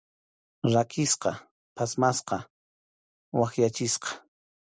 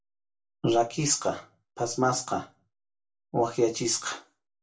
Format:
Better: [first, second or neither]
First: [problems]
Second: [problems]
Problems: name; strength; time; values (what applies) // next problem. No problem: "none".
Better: first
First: none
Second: room echo; dies away in 0.2 s